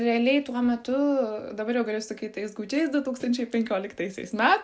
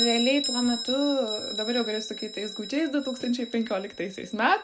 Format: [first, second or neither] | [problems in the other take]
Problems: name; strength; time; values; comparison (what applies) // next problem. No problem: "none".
first | background sound (Bell); 7 dB below the speech